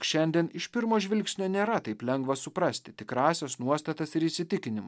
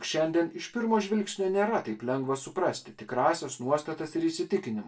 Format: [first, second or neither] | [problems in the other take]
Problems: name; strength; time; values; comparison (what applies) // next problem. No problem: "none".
first | room echo; dies away in 0.2 s